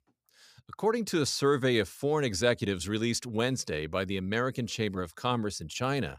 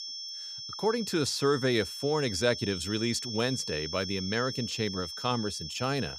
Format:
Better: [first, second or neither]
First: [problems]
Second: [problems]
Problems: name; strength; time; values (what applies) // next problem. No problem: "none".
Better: first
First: none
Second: high-pitched whine; loud; throughout; 5.5 kHz, 6 dB below the speech